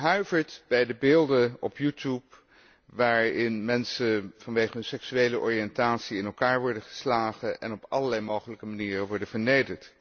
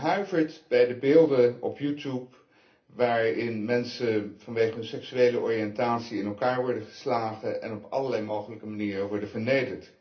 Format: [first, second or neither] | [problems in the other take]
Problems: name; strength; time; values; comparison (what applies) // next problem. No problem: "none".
first | room echo; dies away in 0.3 s